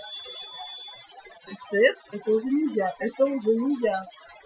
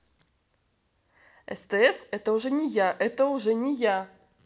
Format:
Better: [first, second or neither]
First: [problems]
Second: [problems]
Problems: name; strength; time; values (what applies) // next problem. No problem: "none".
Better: second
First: noise reduction (classical method Wiener filter)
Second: none